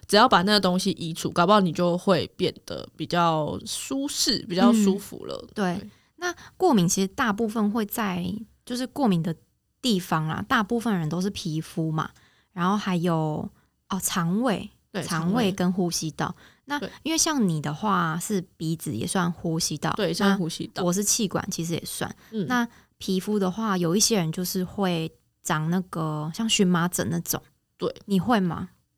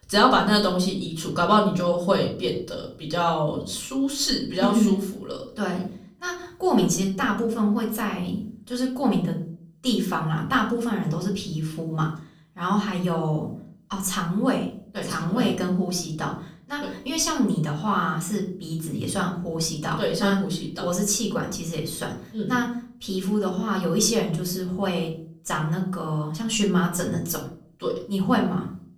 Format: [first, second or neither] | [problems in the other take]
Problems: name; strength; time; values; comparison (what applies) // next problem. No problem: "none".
first | room echo; slight; dies away in 0.4 s // off-mic speech; far